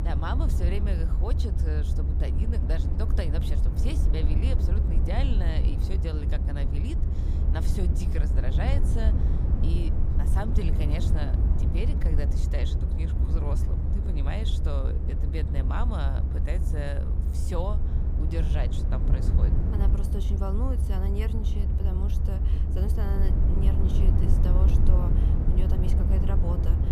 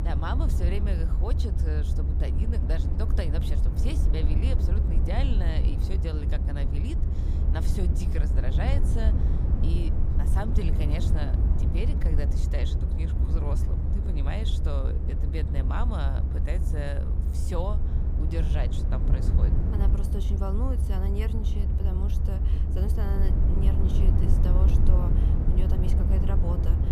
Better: neither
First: low rumble; loud; throughout; 2 dB below the speech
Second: low rumble; loud; throughout; 2 dB below the speech

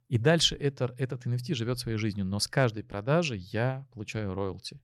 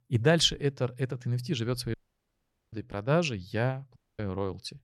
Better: first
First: none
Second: audio cutting out; at 2 s for 1 s and at 4 s

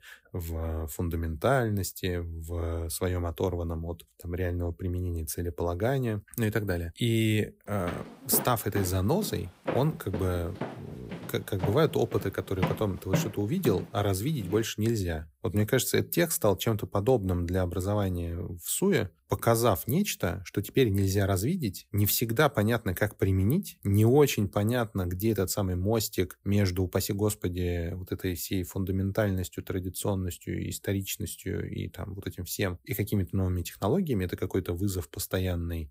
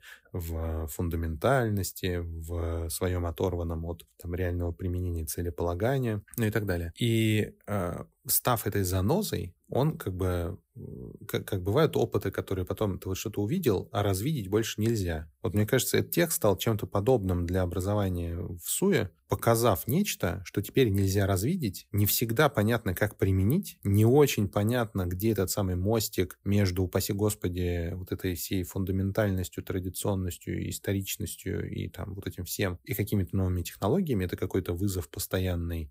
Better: second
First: footsteps; noticeable; from 8 to 15 s; peak 2 dB below the speech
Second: none

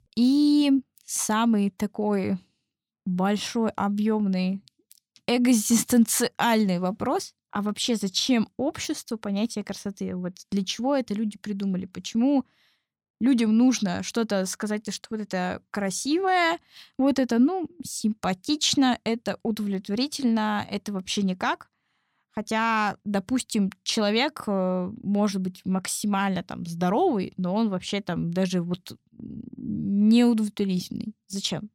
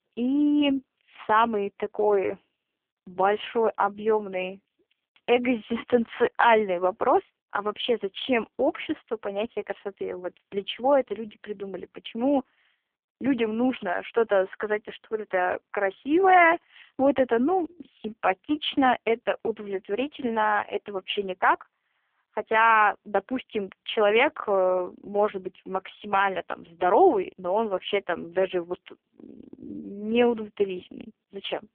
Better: first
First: none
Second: phone-call audio; poor line; nothing above 3.5 kHz

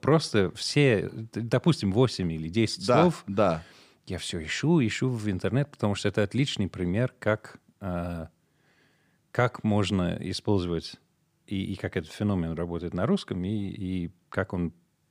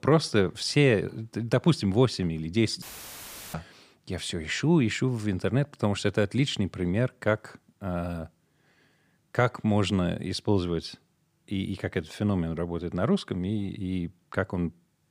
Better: first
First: none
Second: audio cutting out; filled with static; at 3 s for 0.5 s

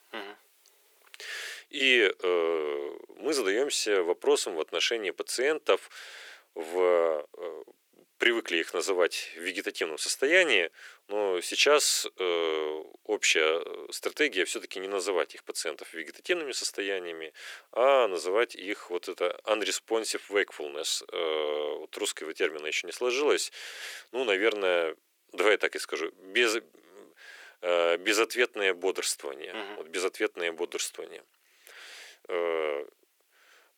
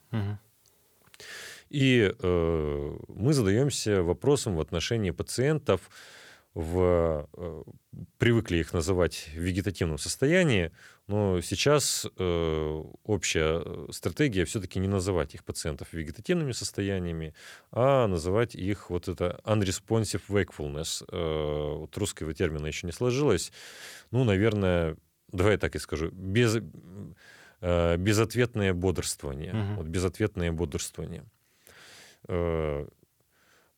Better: second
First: thin; very; fading below 350 Hz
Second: none

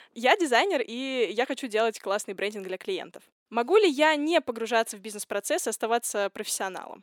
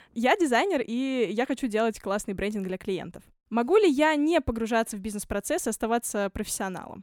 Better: second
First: thin; somewhat; fading below 400 Hz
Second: none

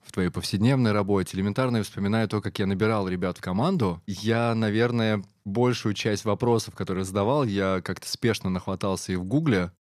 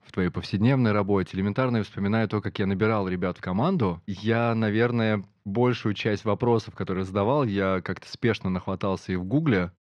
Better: first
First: none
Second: muffled; slightly; fading above 3 kHz

